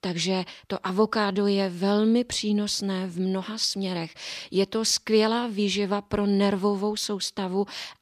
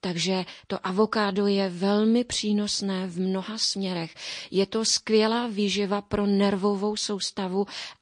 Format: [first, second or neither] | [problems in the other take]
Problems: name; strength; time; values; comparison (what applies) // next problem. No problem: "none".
first | garbled, watery; slightly; nothing above 8.5 kHz